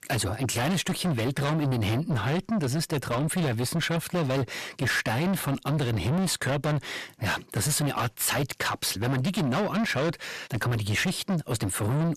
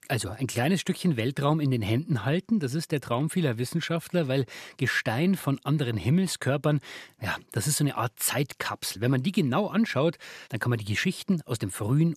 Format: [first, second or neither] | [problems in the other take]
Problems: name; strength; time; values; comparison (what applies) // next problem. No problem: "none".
second | distortion; heavy; 5 dB below the speech